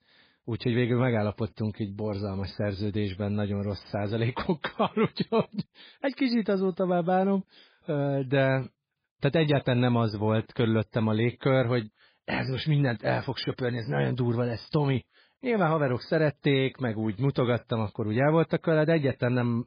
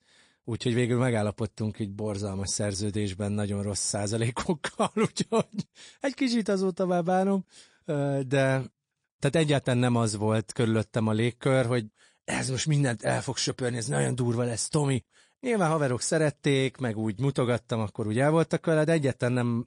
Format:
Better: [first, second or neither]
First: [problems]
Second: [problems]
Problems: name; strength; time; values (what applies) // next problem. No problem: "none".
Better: second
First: garbled, watery; badly; nothing above 5 kHz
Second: garbled, watery; slightly